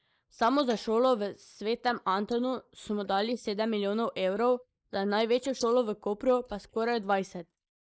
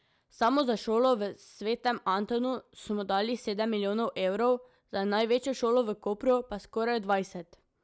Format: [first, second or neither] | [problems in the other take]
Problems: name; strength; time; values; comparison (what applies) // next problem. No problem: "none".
second | noise reduction (neural mask model Resemble Enhance denoiser)